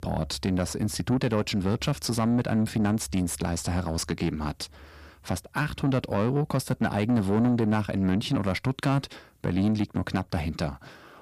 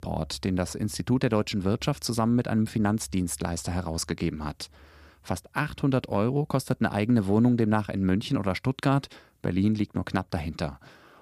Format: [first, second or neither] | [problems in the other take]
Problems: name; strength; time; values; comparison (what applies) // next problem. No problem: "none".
second | distortion; slight; 10 dB below the speech